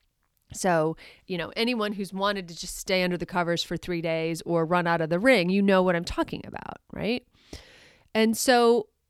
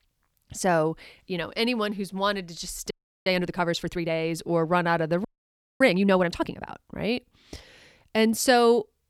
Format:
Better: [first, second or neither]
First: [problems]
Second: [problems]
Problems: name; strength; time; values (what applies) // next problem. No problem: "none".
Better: first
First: none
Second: audio freezing; at 3 s and at 5.5 s for 0.5 s